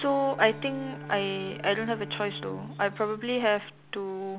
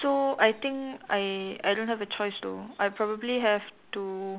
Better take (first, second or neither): second